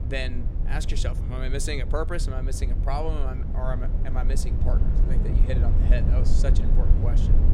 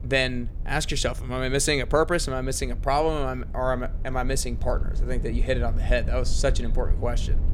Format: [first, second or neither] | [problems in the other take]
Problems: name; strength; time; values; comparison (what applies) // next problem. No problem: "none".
second | low rumble; loud; throughout; 6 dB below the speech; faint in the second